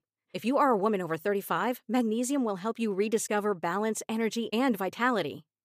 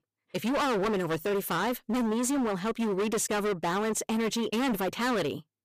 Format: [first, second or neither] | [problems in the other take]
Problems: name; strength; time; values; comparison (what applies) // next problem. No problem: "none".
first | distortion; heavy; 30% of the sound clipped